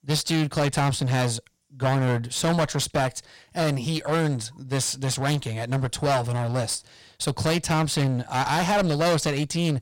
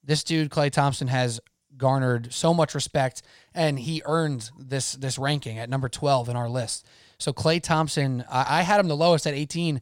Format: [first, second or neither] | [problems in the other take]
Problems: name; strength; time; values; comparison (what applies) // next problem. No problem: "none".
second | distortion; heavy; 19% of the sound clipped